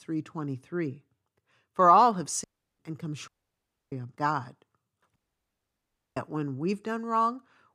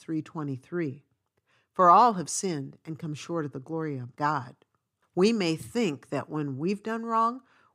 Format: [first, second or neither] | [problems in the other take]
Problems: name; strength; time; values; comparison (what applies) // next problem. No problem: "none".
second | audio cutting out; at 2.5 s, at 3.5 s for 0.5 s and at 5 s for 1 s